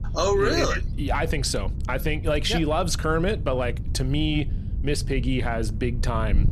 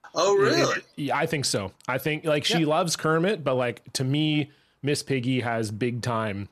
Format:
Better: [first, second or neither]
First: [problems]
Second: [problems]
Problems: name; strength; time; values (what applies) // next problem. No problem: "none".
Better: second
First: wind noise on the microphone; occasional gusts; 20 dB below the speech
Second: none